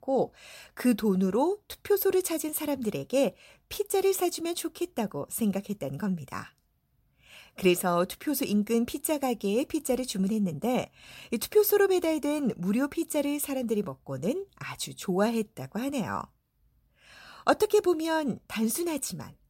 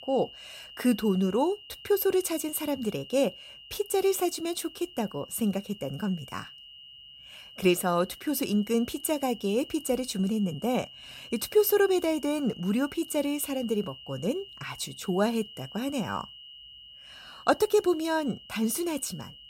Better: first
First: none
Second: high-pitched whine; noticeable; throughout; 3 kHz, 15 dB below the speech

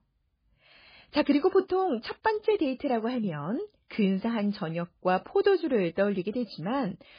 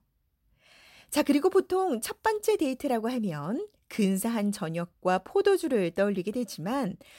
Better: second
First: garbled, watery; badly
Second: none

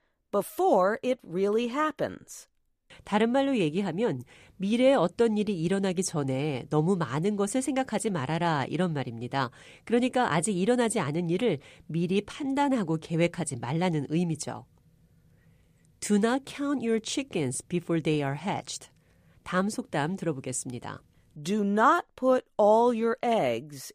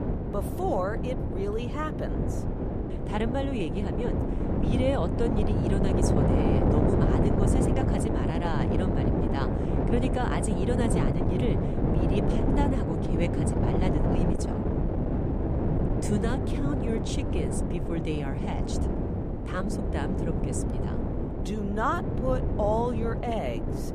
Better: first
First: none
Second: wind noise on the microphone; heavy; as loud as the speech

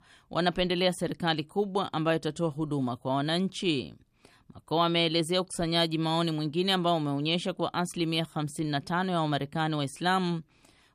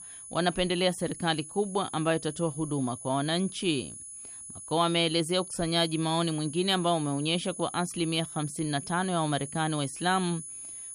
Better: first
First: none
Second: high-pitched whine; noticeable; throughout; 10 kHz, 10 dB below the speech

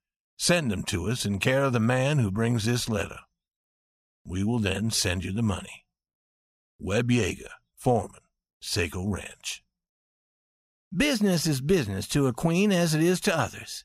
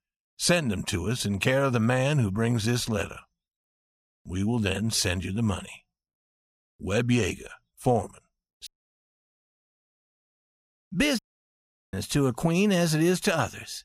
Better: first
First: none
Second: audio cutting out; at 8.5 s for 1.5 s and at 11 s for 0.5 s

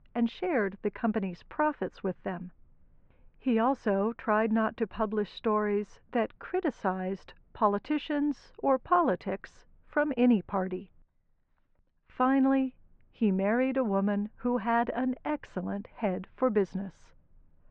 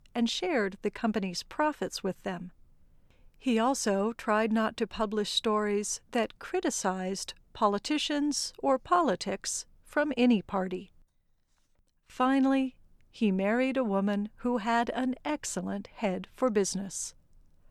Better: second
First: muffled; very; fading above 2 kHz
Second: none

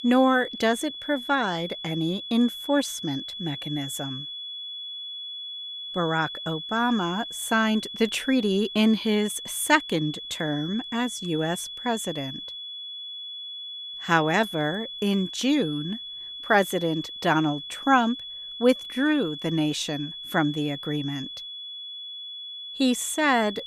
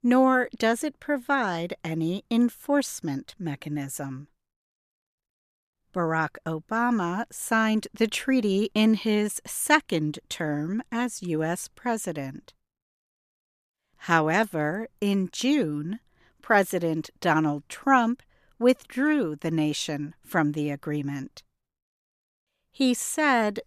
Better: second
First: high-pitched whine; loud; throughout; 3.5 kHz, 9 dB below the speech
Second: none

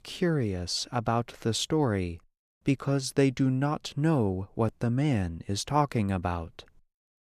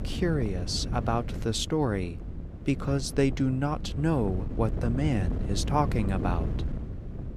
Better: first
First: none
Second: wind noise on the microphone; occasional gusts; 10 dB below the speech

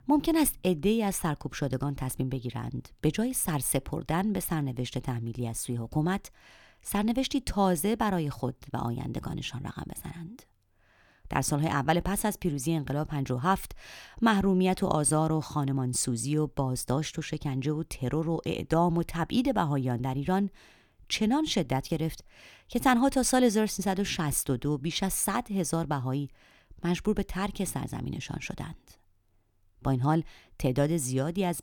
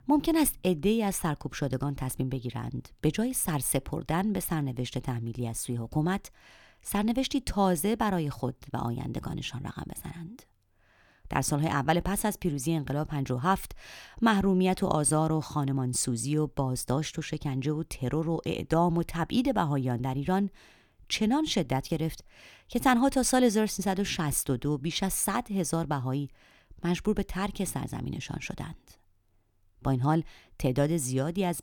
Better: neither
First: none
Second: none

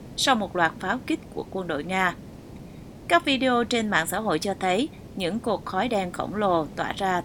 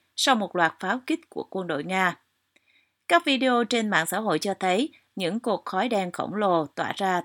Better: second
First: hiss; noticeable; throughout; 20 dB below the speech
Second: none

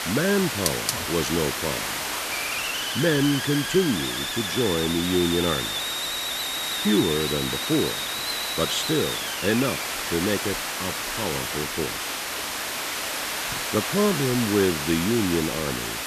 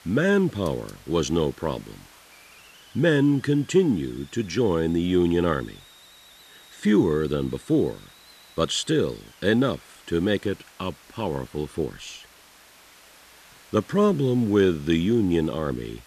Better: second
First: hiss; loud; throughout; 1 dB below the speech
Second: hiss; faint; throughout; 25 dB below the speech

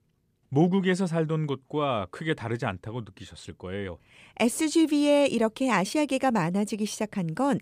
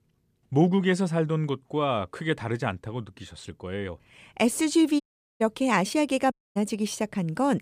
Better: first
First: none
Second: audio cutting out; at 5 s and at 6.5 s

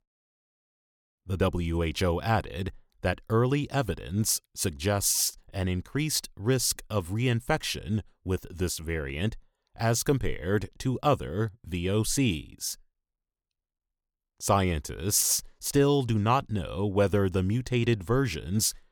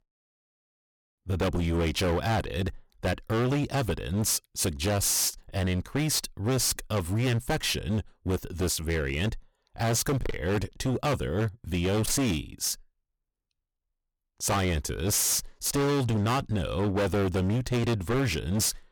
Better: first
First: none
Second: distortion; heavy; 21% of the sound clipped

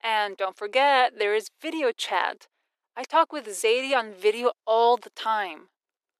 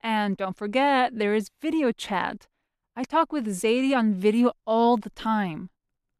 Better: second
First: thin; very; fading below 400 Hz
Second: none

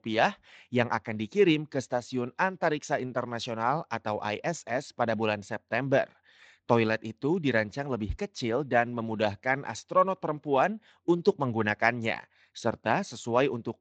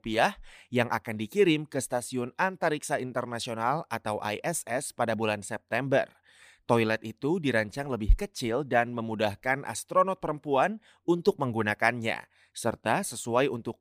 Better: second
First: garbled, watery; slightly; nothing above 7.5 kHz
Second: none

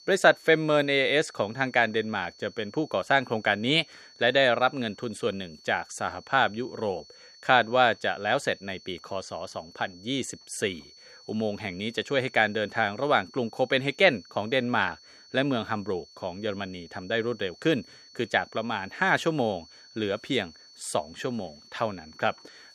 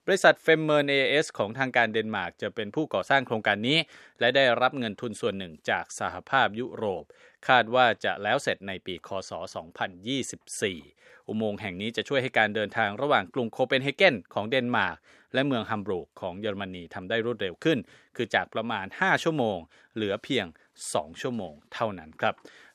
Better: second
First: high-pitched whine; faint; throughout; 4.5 kHz, 25 dB below the speech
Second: none

